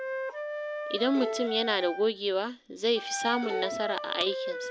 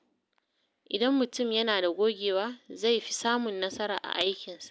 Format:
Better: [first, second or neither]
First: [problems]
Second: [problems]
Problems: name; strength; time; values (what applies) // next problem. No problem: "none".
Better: second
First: background sound (Bowed string instrument + Wind instrument, woodwind instrument); 6 dB below the speech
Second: none